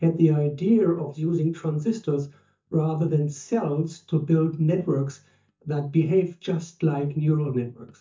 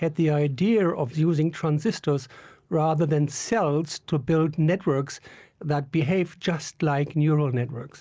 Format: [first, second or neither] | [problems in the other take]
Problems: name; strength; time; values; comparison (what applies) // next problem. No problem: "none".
second | noise reduction (neural mask model DeepFilterNet 3)